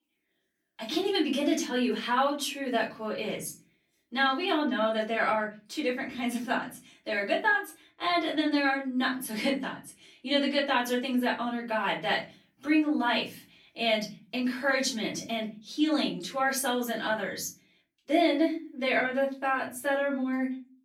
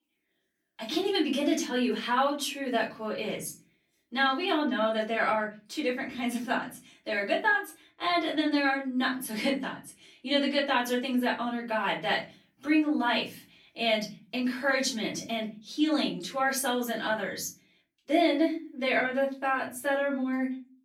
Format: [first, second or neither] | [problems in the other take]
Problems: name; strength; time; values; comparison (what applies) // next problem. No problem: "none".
neither | room echo; slight; dies away in 0.4 s; the same in both // off-mic speech; far; the same in both